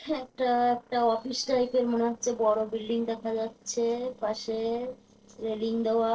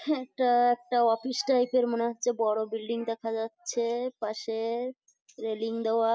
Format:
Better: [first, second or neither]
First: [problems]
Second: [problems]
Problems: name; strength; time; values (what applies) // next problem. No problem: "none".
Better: second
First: noise reduction (neural separator model SepFormer DNS4)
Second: none